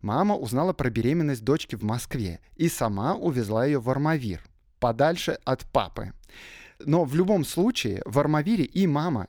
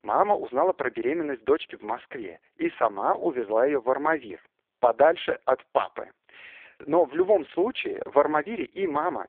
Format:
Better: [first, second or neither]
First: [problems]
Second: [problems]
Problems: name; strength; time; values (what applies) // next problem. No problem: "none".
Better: first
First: none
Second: phone-call audio; poor line; nothing above 3.5 kHz